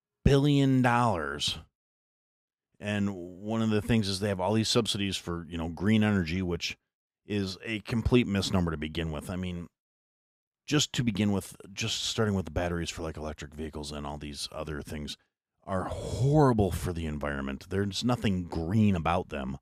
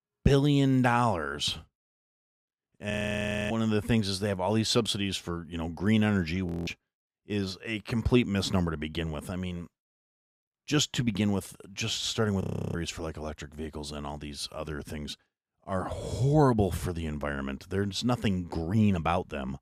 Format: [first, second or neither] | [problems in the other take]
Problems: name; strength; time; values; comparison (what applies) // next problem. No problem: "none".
first | audio freezing; at 3 s for 0.5 s, at 6.5 s and at 12 s